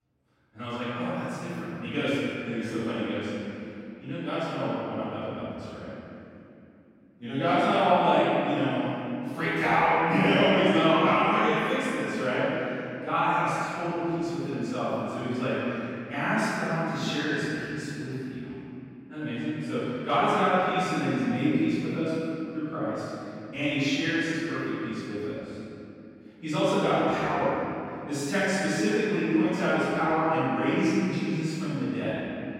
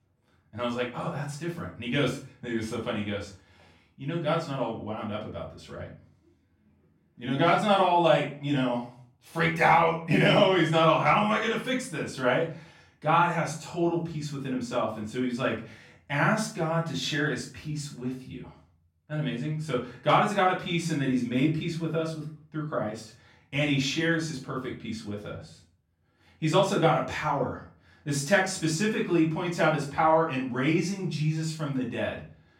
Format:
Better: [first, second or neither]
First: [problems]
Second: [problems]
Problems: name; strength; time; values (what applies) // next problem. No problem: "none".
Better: second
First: room echo; strong; dies away in 2.8 s // off-mic speech; far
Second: room echo; slight; dies away in 0.4 s // off-mic speech; far